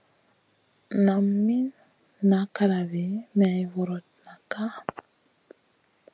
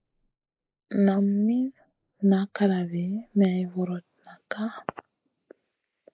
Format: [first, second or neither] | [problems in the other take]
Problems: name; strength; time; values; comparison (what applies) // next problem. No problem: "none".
first | noise reduction (neural mask model Resemble Enhance denoiser)